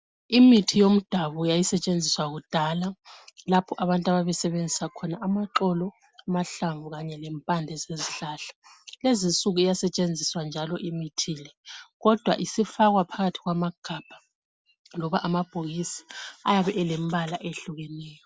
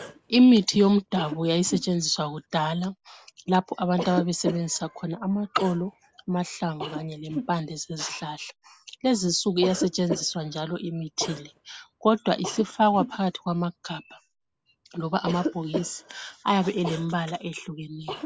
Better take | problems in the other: first | background sound (Cough); 12 dB below the speech

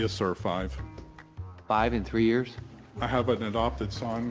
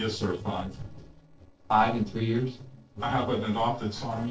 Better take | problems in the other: first | noise reduction (neural separator model SepFormer DNS4)

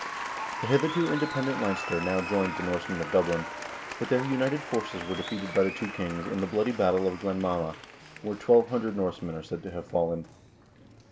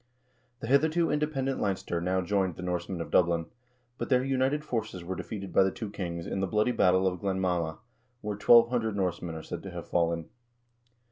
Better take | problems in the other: second | background sound (Applause); 9 dB below the speech

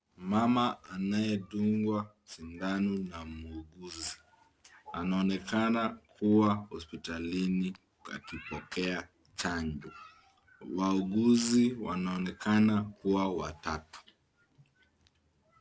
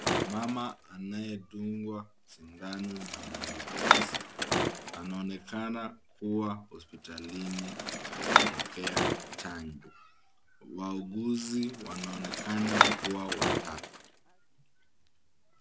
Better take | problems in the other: first | background sound (Bicycle); 5 dB above the speech

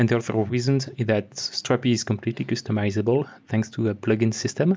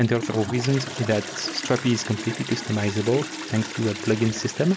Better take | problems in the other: first | background sound (Toilet flush); 10 dB below the speech

